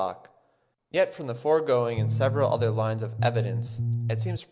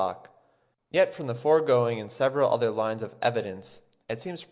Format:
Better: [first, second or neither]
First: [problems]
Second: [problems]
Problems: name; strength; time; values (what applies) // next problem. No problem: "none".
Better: second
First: background sound (Bass guitar); 1 dB above the speech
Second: none